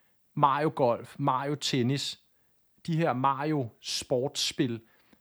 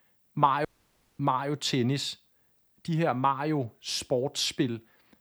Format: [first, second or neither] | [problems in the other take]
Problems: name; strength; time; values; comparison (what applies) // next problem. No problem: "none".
first | audio cutting out; at 0.5 s for 0.5 s